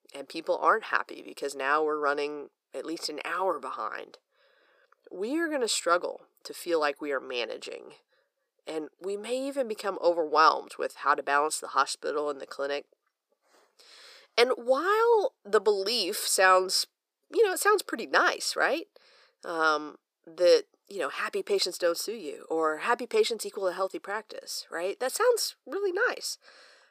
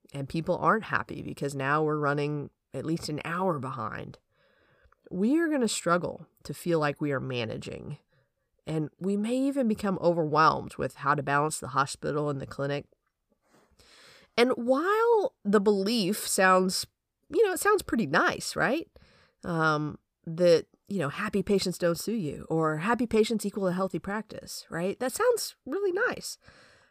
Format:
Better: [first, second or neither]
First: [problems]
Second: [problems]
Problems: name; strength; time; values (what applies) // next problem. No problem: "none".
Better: second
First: thin; very; fading below 350 Hz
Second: none